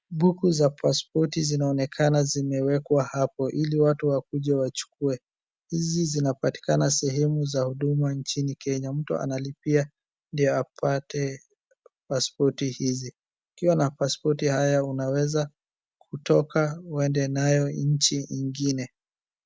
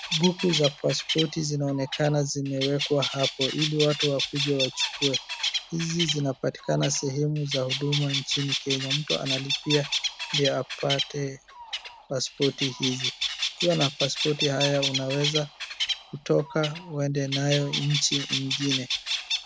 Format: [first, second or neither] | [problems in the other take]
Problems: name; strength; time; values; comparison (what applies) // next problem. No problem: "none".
first | background sound (Bird); 3 dB below the speech